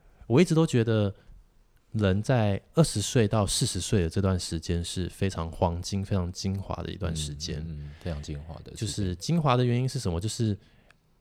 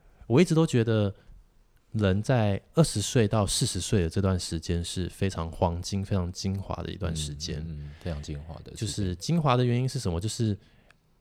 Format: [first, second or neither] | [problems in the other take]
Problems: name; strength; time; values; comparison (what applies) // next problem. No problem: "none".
neither | none